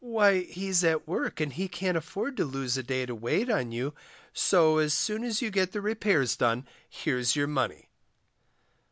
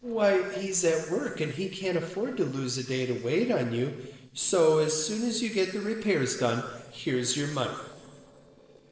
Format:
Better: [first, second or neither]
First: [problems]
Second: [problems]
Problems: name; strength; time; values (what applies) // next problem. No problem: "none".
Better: first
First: none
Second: noise reduction (neural separator model SepFormer DNS4)